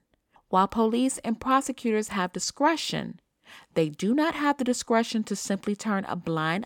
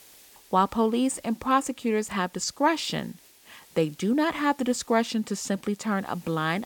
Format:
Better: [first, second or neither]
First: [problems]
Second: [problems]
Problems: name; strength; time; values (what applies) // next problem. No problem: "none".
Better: first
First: none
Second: hiss; faint; throughout; 25 dB below the speech